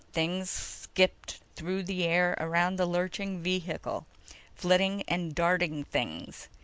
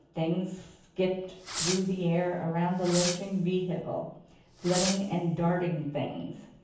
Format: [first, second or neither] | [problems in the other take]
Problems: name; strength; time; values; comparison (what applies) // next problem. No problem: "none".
first | background sound (Fireworks); 8 dB below the speech // room echo; dies away in 0.7 s